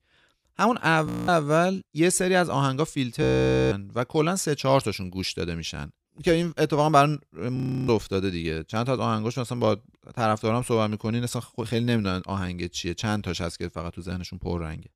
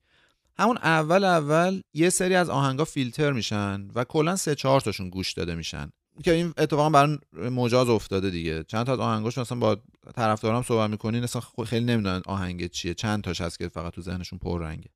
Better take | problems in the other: second | audio freezing; at 1 s, at 3 s and at 7.5 s

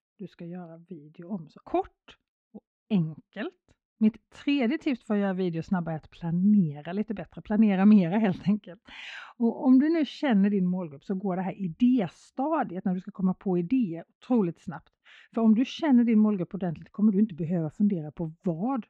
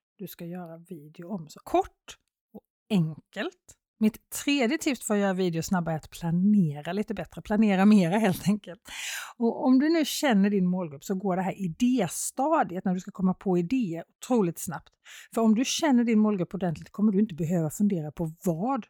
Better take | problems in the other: second | muffled; slightly; fading above 3.5 kHz

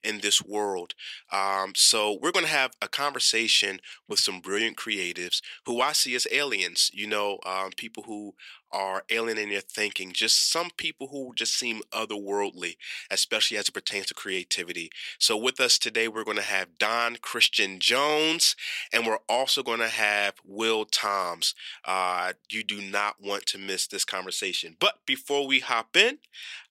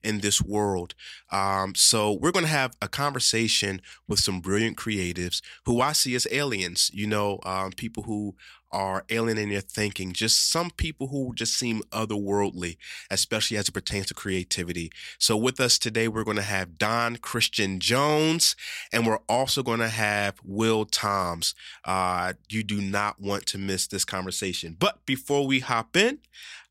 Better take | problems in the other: second | thin; somewhat; fading below 400 Hz

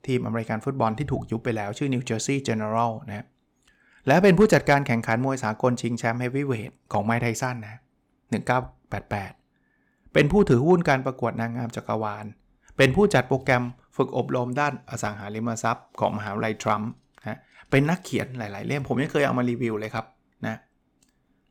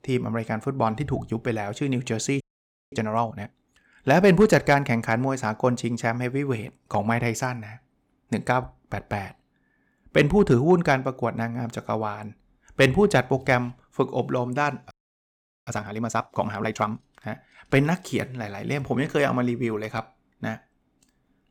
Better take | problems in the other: first | audio freezing; at 2.5 s for 0.5 s and at 15 s for 1 s

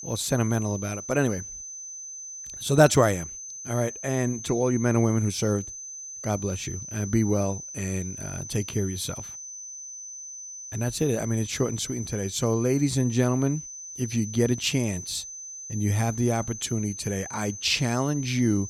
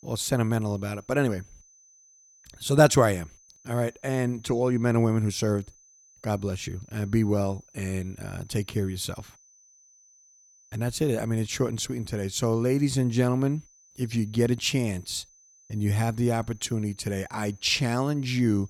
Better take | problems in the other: second | high-pitched whine; loud; throughout; 6 kHz, 10 dB below the speech; faint in the second

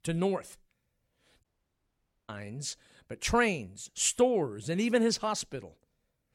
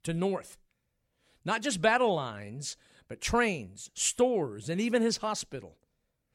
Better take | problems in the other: second | audio cutting out; at 1.5 s for 1 s

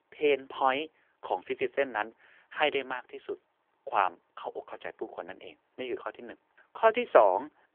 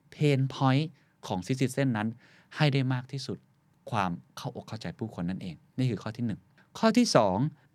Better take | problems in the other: second | phone-call audio; nothing above 3 kHz

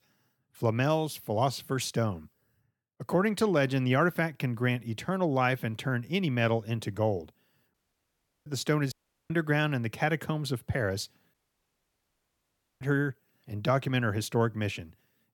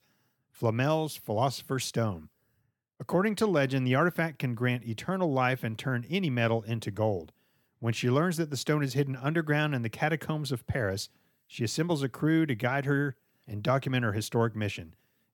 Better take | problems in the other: second | audio cutting out; at 7.5 s for 0.5 s, at 9 s and at 11 s for 1.5 s

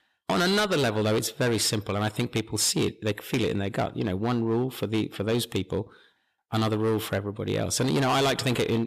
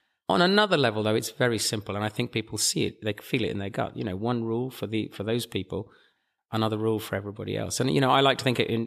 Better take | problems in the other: second | distortion; heavy; 13% of the sound clipped

